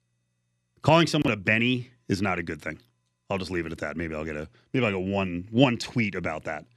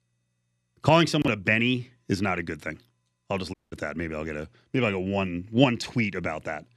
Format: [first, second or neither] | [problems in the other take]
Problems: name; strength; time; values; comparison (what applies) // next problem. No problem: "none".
first | audio cutting out; at 3.5 s